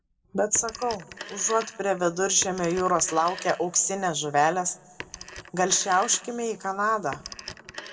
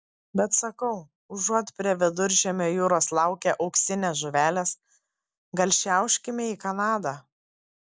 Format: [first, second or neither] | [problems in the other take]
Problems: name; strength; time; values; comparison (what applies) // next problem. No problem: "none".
second | background sound (Telephone); 16 dB below the speech // room echo; dies away in 1.2 s